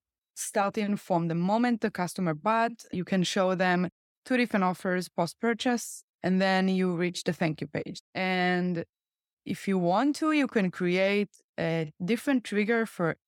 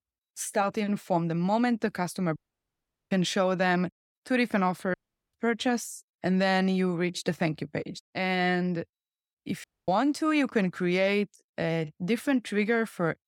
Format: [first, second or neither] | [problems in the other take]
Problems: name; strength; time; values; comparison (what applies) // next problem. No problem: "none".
first | audio cutting out; at 2.5 s for 1 s, at 5 s and at 9.5 s